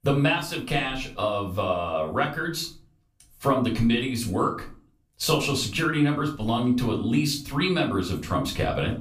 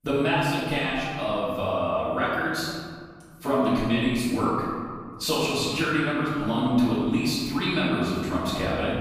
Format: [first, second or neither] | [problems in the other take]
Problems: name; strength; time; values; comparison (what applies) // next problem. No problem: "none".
first | room echo; strong; dies away in 1.9 s; slight in the first // off-mic speech; far; far in the first